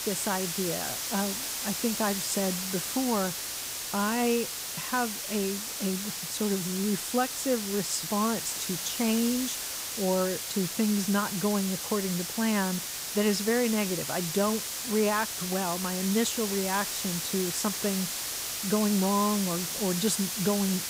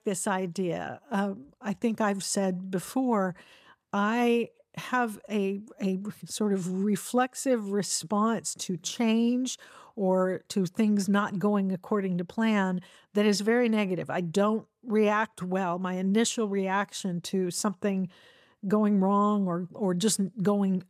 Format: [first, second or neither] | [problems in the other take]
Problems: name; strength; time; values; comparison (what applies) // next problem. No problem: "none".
second | hiss; loud; throughout; 2 dB below the speech